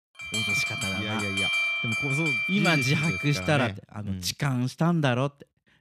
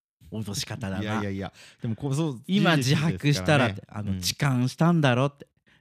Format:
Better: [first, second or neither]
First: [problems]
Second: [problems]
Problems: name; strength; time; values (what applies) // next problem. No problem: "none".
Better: second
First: alarm; loud; until 3.5 s; peak 5 dB above the speech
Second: none